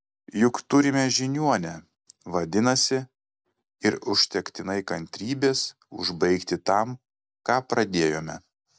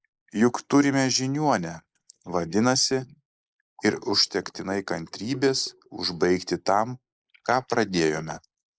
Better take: first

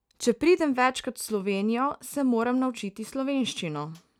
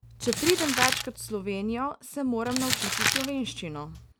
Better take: first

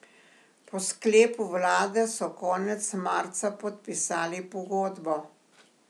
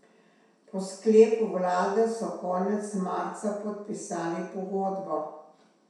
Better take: first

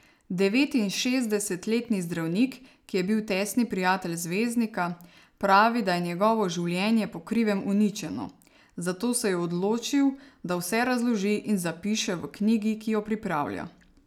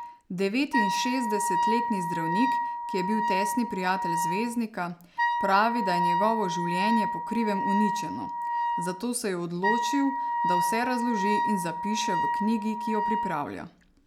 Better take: first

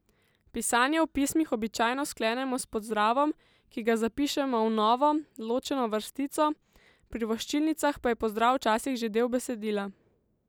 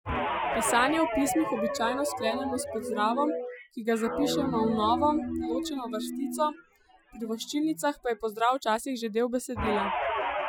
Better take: first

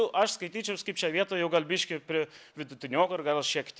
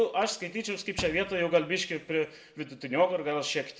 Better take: first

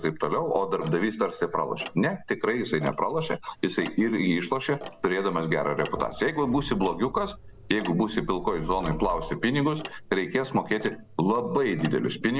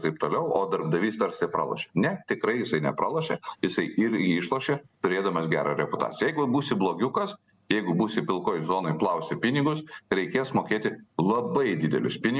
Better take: second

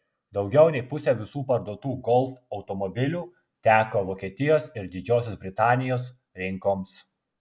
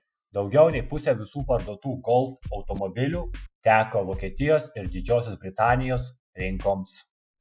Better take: first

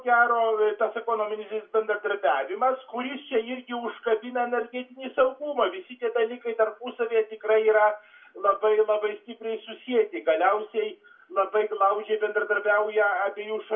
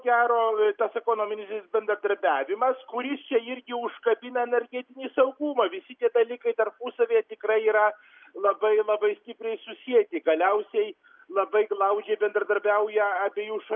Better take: second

